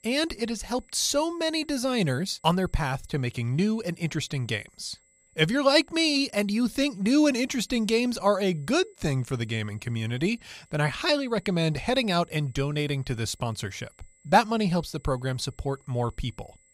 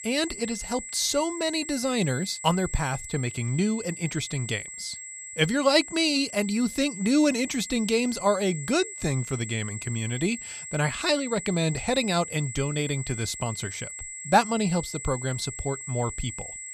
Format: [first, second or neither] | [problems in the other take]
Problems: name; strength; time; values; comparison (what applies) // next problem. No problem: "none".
first | high-pitched whine; loud; throughout; 7.5 kHz, 10 dB below the speech; faint in the first